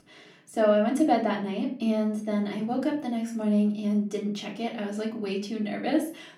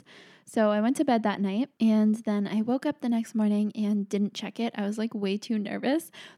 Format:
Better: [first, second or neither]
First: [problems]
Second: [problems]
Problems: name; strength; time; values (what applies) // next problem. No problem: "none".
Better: second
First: off-mic speech; far // room echo; slight; dies away in 0.4 s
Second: none